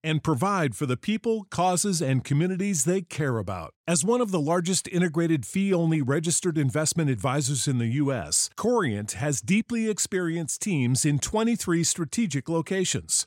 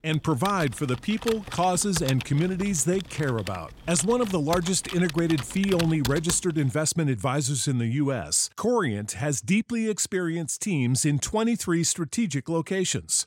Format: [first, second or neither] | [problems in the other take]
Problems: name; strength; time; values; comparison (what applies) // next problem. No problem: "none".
first | keyboard typing; noticeable; until 6.5 s; peak 6 dB below the speech